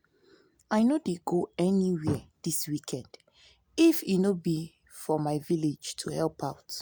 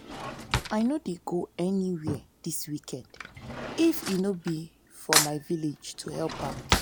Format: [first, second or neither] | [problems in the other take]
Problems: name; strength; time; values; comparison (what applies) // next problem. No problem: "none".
first | background sound (Cutlery, silverware / Drawer open or close); 3 dB below the speech